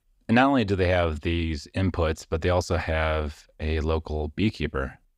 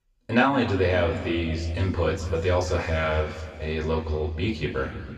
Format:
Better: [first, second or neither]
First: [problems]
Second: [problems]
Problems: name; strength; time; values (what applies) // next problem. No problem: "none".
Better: first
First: none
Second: room echo; noticeable; dies away in 2.3 s // off-mic speech; somewhat distant